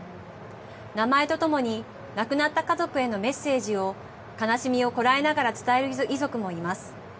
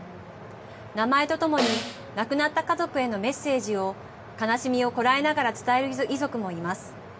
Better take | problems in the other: first | background sound (Snare drum); 6 dB below the speech

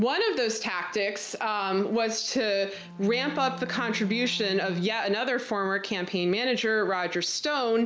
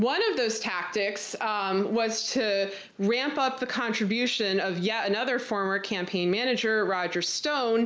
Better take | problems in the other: second | background sound (Bowed string instrument); 14 dB below the speech

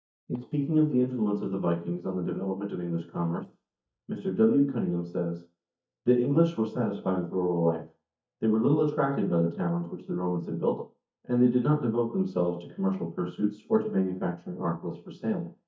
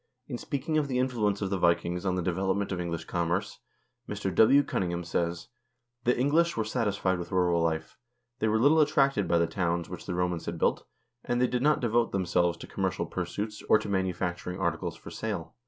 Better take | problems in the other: second | noise reduction (neural mask model DeepFilterNet 3)

